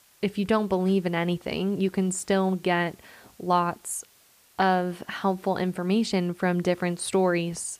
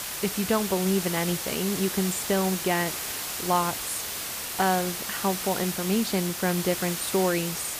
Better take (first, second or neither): first